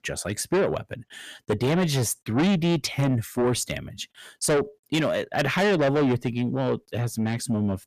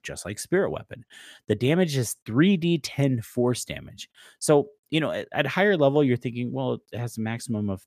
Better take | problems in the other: second | distortion; heavy; 7 dB below the speech

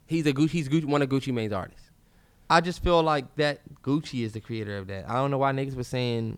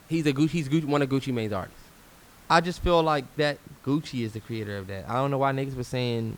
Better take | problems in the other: first | hiss; faint; throughout; 25 dB below the speech

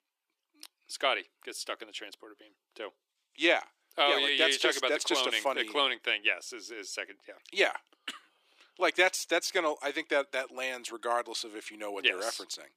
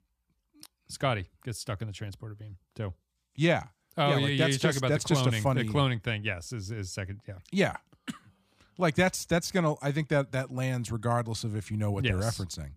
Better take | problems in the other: second | thin; very; fading below 350 Hz

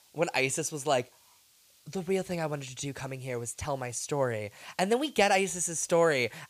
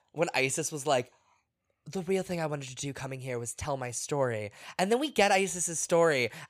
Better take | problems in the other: second | hiss; faint; throughout; 30 dB below the speech

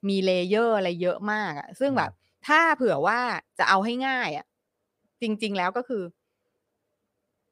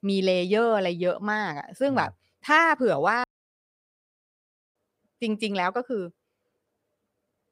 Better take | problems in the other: first | audio cutting out; at 3 s for 1.5 s

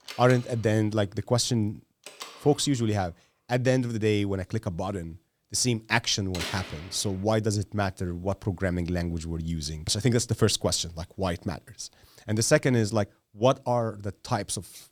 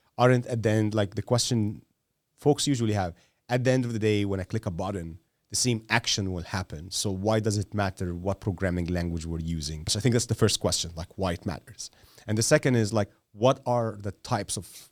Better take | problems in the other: second | door banging; noticeable; until 7 s; peak 7 dB below the speech

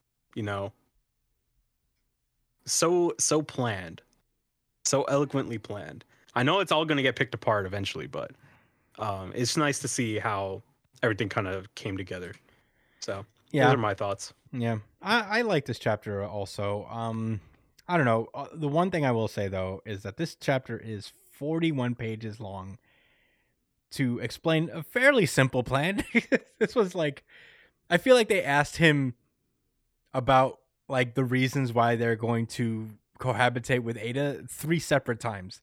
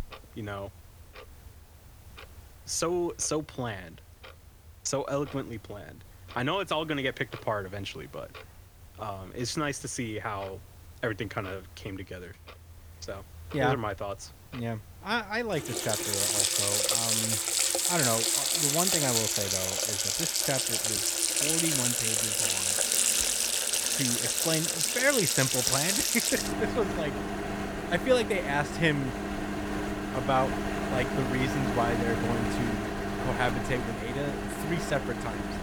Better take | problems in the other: first | household noises; very loud; throughout; 5 dB above the speech

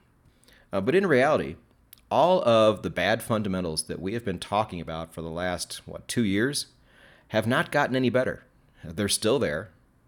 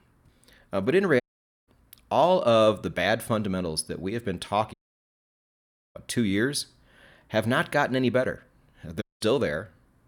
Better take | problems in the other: first | audio cutting out; at 1 s, at 4.5 s for 1 s and at 9 s

